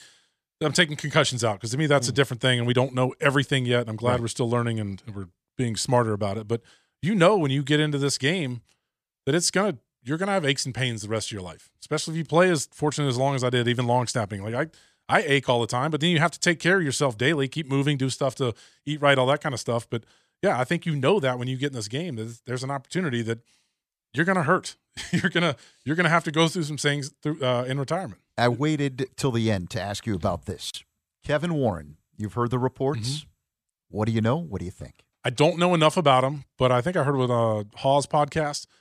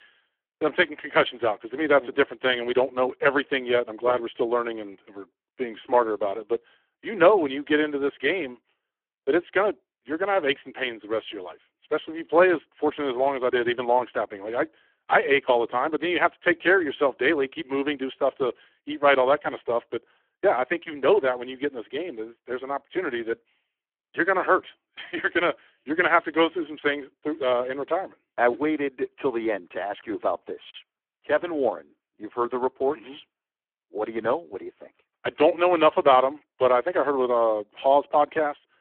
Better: first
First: none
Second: phone-call audio; poor line

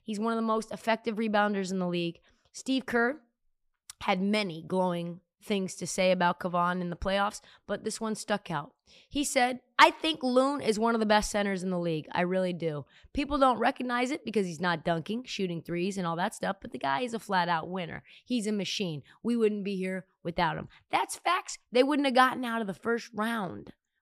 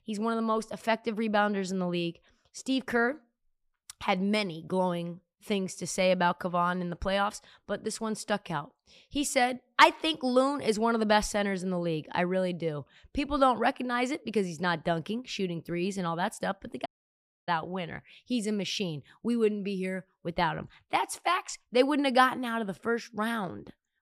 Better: first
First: none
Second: audio cutting out; at 17 s for 0.5 s

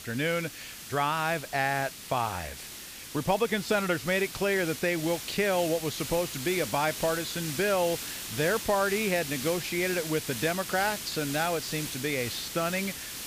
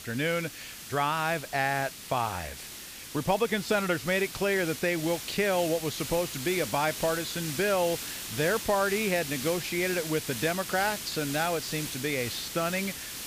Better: neither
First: hiss; loud; throughout; 7 dB below the speech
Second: hiss; loud; throughout; 7 dB below the speech

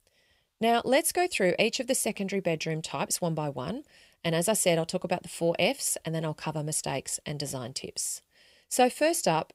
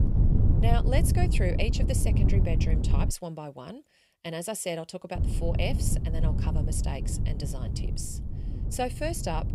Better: first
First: none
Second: wind noise on the microphone; heavy; until 3 s and from 5 s on; 6 dB below the speech

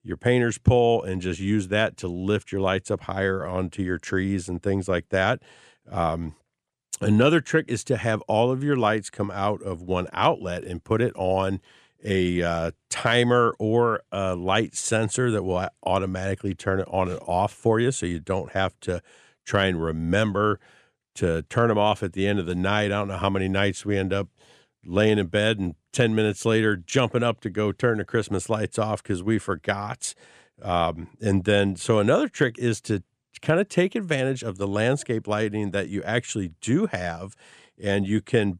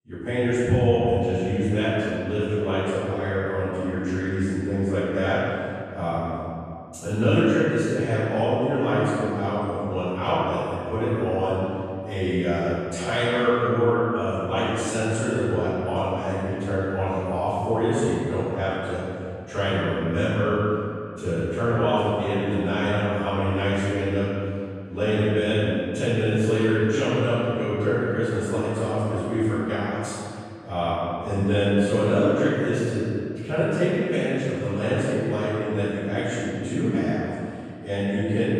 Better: first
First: none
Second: off-mic speech; far // room echo; strong; dies away in 2.3 s

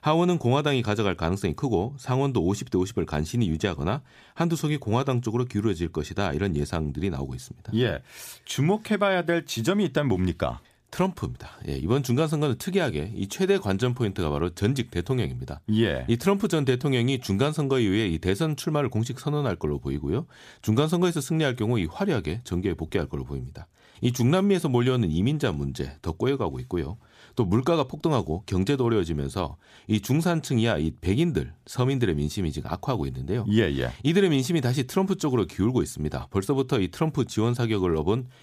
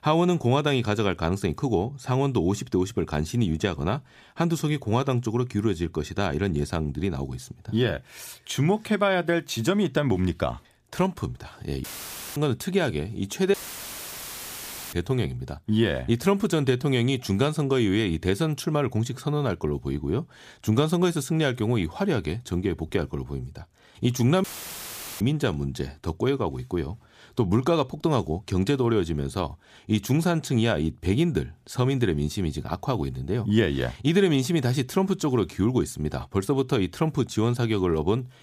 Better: first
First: none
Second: audio cutting out; filled with static; at 12 s for 0.5 s, at 14 s for 1.5 s and at 24 s for 1 s

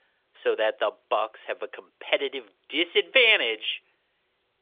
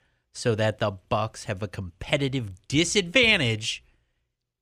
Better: second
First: phone-call audio; nothing above 3.5 kHz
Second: none

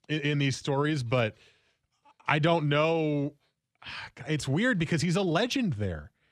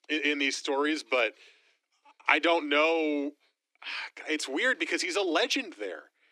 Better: first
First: none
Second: thin; somewhat; fading below 300 Hz

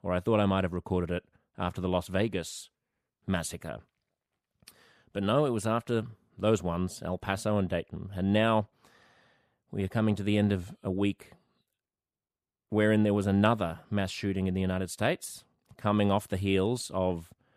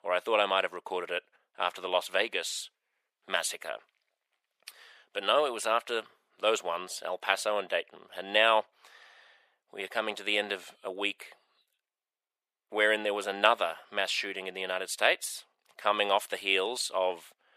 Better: first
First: none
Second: thin; very; fading below 550 Hz

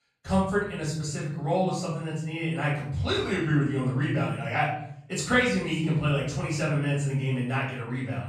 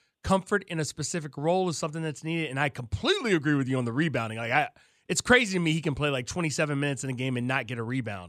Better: second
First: off-mic speech; far // room echo; noticeable; dies away in 1 s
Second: none

